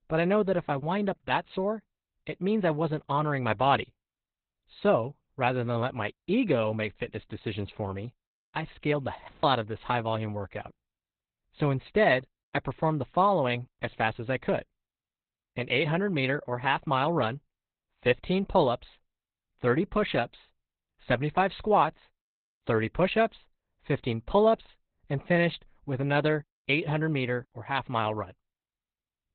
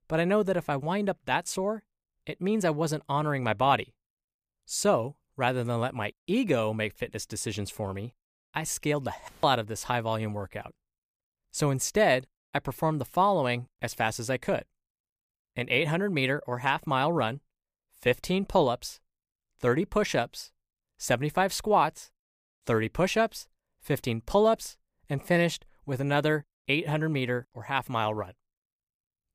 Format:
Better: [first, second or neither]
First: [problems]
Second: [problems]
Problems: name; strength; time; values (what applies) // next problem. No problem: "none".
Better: second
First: garbled, watery; badly; nothing above 4 kHz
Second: none